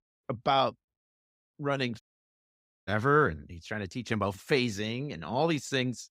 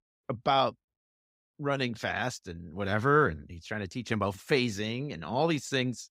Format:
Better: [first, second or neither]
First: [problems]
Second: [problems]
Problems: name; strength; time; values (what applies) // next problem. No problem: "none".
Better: second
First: audio cutting out; at 2 s for 1 s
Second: none